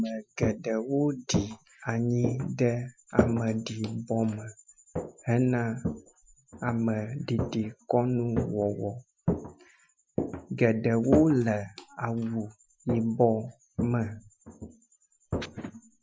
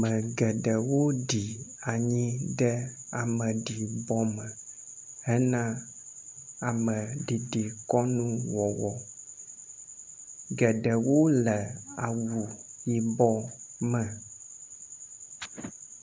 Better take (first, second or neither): second